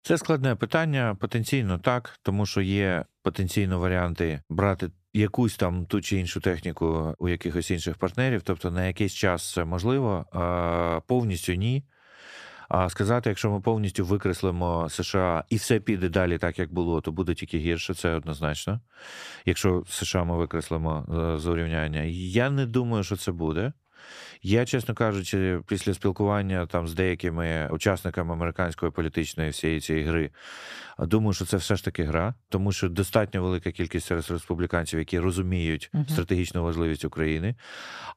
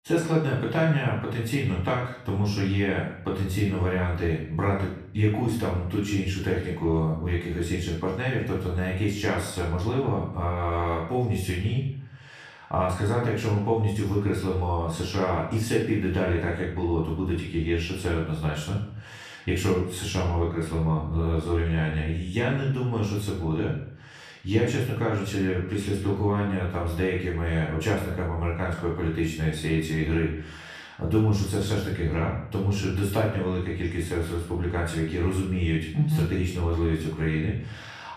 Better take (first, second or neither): first